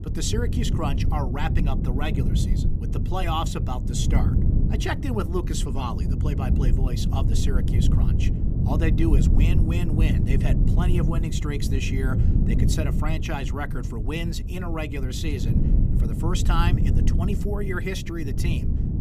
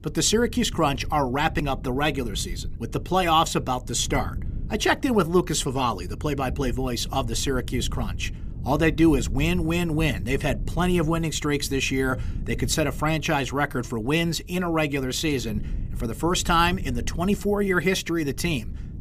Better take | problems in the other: second | low rumble; loud; throughout; 4 dB below the speech; faint in the second

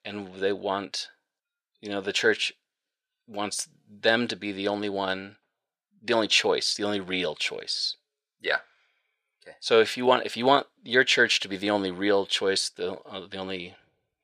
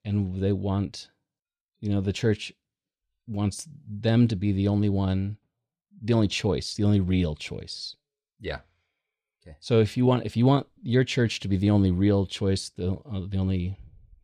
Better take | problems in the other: second | thin; very; fading below 600 Hz

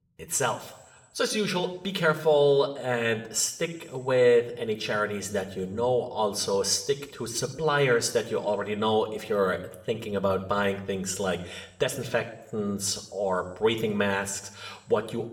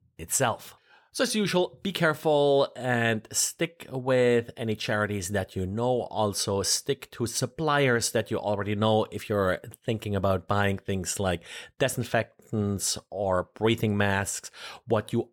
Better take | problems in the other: second | room echo; very slight; dies away in 0.7 s

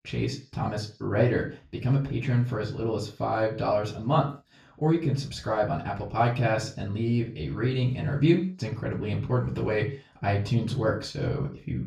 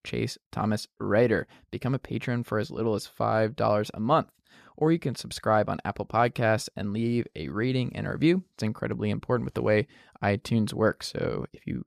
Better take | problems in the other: second | room echo; slight; dies away in 0.4 s // off-mic speech; far

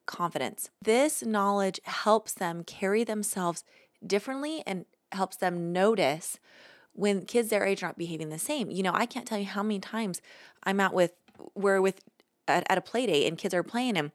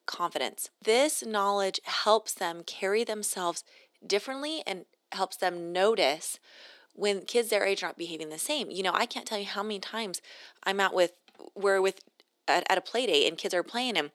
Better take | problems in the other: first | thin; somewhat; fading below 400 Hz

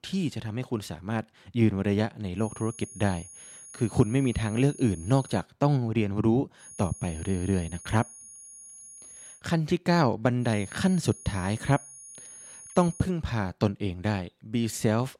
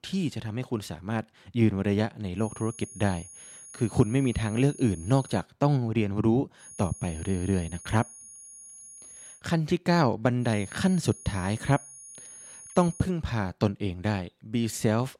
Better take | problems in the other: neither | high-pitched whine; noticeable; from 2.5 to 5.5 s, from 6.5 to 9.5 s and from 10 to 13 s; 10.5 kHz, 15 dB below the speech; the same in both

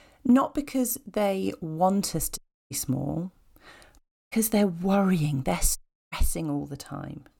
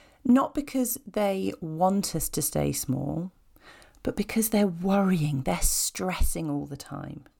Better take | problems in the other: second | audio cutting out; at 2.5 s, at 4 s and at 6 s

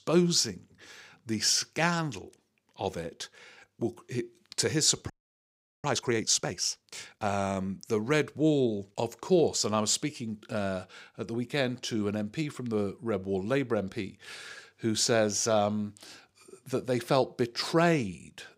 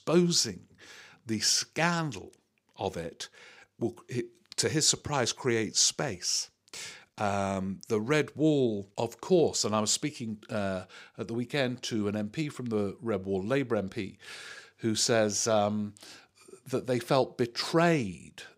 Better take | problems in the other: second | audio freezing; at 5 s for 0.5 s

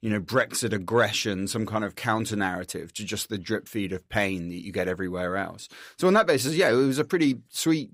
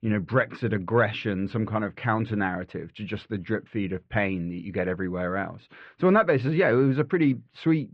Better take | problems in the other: first | muffled; very; fading above 2.5 kHz

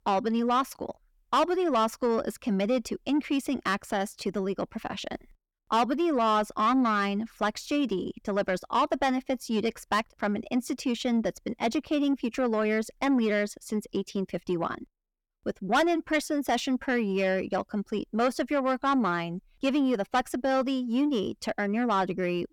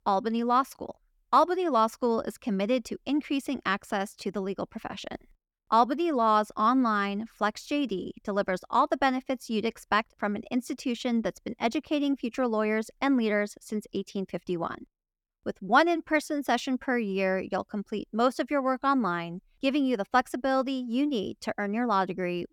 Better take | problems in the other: second | distortion; slight; 10 dB below the speech

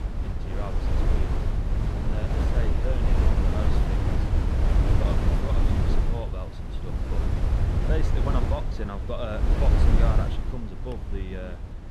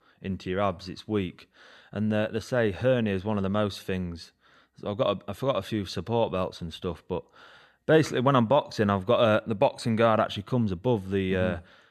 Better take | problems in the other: second | wind noise on the microphone; heavy; 2 dB above the speech

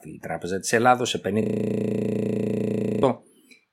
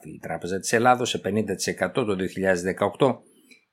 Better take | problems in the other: second | audio freezing; at 1.5 s for 1.5 s

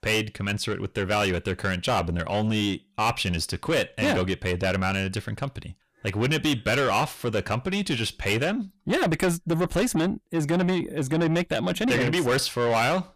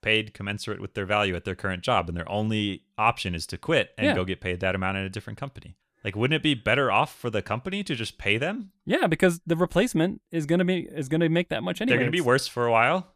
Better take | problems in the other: second | distortion; heavy; 7 dB below the speech

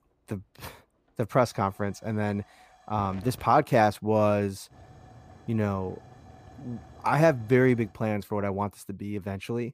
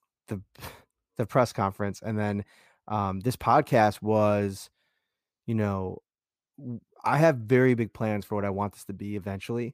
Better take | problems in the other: second | hiss; faint; until 3.5 s and from 4.5 to 8 s; 25 dB below the speech

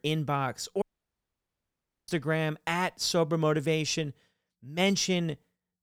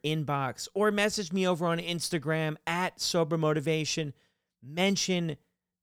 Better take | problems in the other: second | audio cutting out; at 1 s for 1.5 s

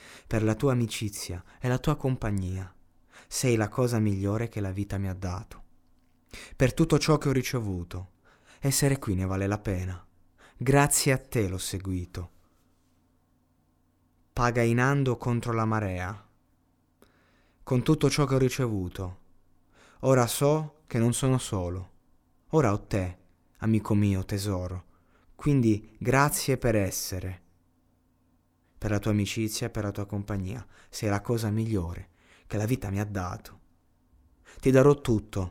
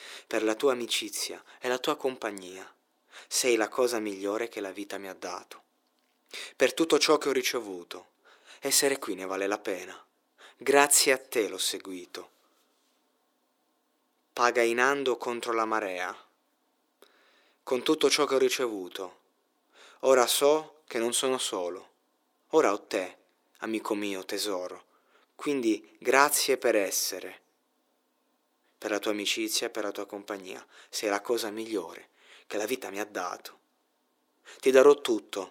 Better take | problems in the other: first | thin; very; fading below 350 Hz

